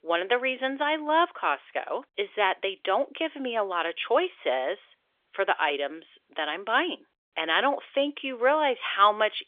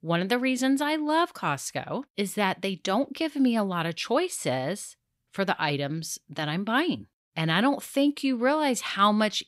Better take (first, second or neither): second